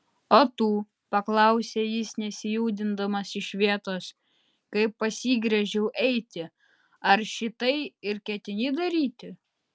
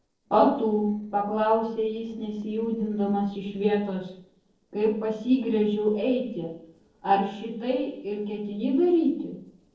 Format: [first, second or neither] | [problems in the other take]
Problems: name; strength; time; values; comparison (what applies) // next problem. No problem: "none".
first | noise reduction (neural separator model SepFormer DNS4)